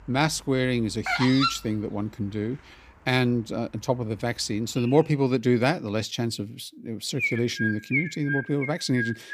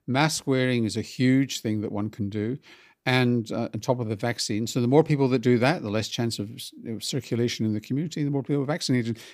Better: second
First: animal sounds; loud; throughout; 3 dB below the speech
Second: none

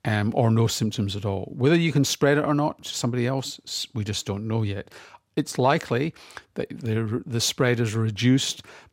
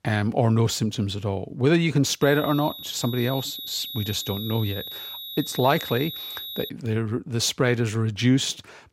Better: first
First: none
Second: high-pitched whine; loud; from 2 to 6.5 s; 4 kHz, 9 dB below the speech

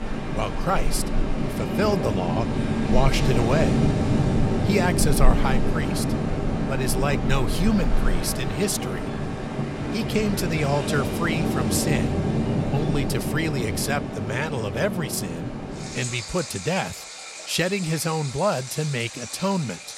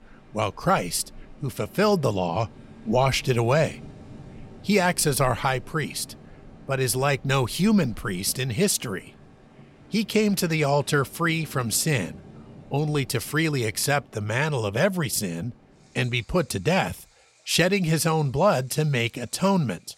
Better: second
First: rain or running water; loud; throughout; as loud as the speech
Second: rain or running water; faint; throughout; 25 dB below the speech

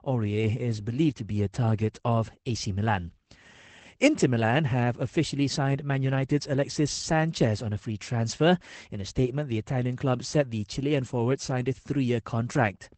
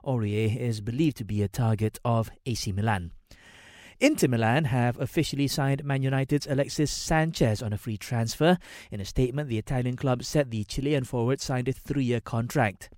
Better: second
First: garbled, watery; badly; nothing above 8 kHz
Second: none

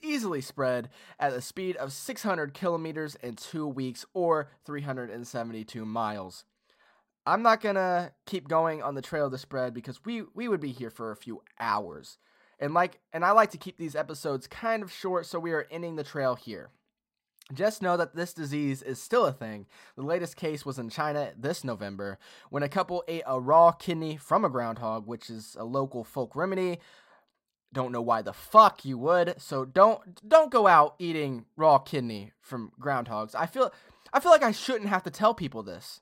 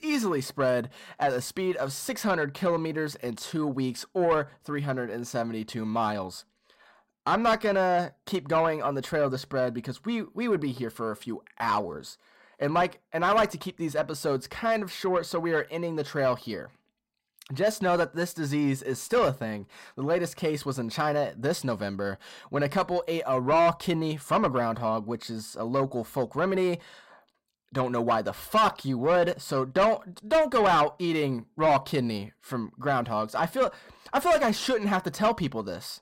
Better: first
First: none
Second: distortion; heavy; 6 dB below the speech

